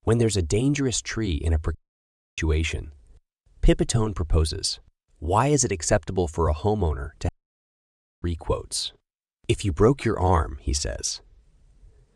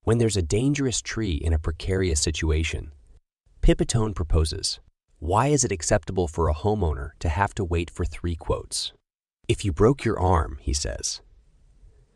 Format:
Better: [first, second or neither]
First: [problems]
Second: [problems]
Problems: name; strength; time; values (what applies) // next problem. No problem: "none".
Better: second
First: audio cutting out; at 2 s for 0.5 s and at 7.5 s for 1 s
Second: none